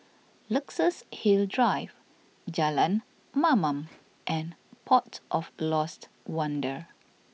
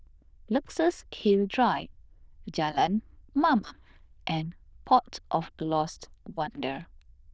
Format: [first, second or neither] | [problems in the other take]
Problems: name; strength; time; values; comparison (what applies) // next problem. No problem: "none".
first | noise reduction (neural diffusion model UNIVERSE++)